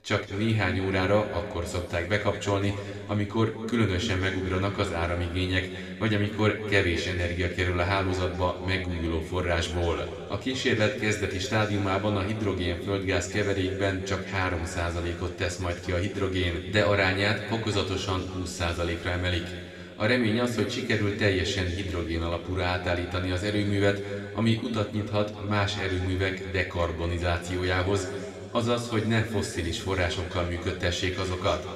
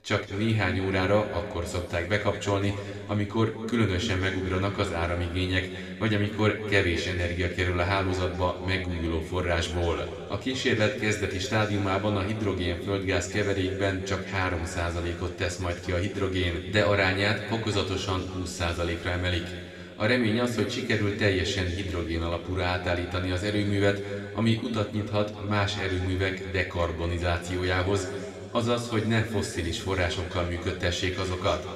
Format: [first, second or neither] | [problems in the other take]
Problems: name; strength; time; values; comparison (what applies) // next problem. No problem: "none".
neither | room echo; noticeable; dies away in 2.2 s; the same in both // off-mic speech; somewhat distant; the same in both